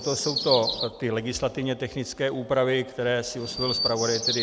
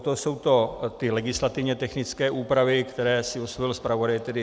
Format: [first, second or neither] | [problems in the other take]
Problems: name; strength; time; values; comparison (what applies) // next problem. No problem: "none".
second | background sound (Chirp, tweet); 6 dB below the speech